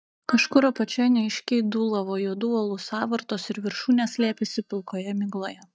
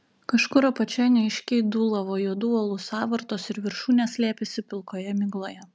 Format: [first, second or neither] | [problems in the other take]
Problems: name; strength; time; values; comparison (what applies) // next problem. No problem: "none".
second | noise reduction (neural mask model DeepFilterNet 3)